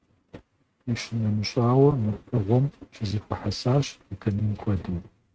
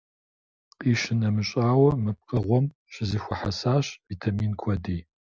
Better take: second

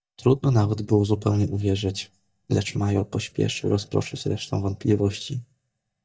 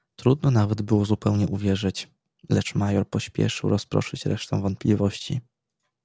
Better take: second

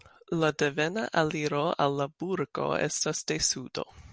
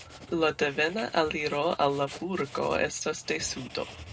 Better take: first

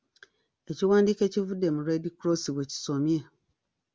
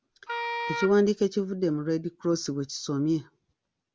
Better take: first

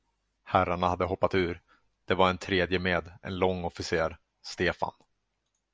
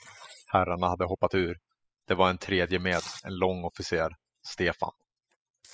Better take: first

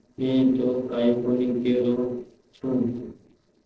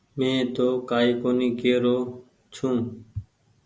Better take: second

